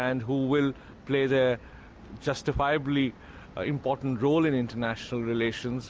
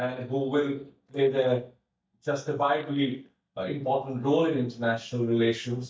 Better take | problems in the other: first | noise reduction (neural mask model DeepFilterNet 3)

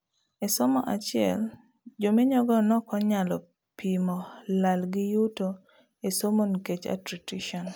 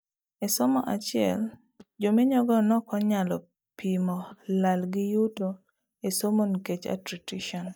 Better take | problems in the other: first | noise reduction (neural mask model DeepFilterNet 3)

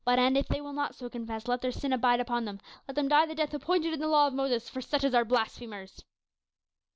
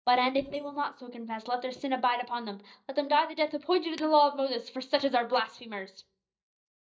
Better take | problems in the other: first | noise reduction (neural mask model DeepFilterNet 3)

